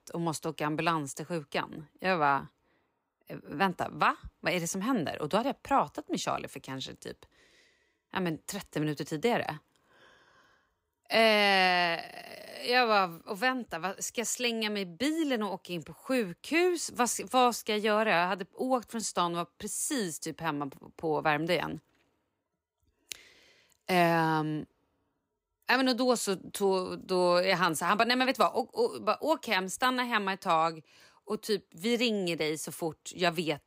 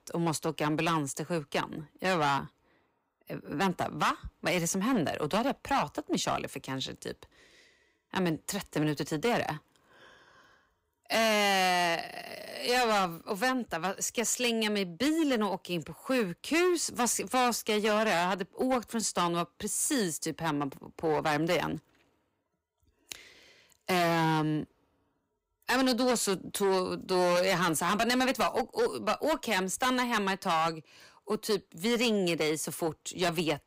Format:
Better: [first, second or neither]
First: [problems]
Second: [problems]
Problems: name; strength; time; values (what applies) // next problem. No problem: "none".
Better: first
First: none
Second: distortion; heavy; 10% of the sound clipped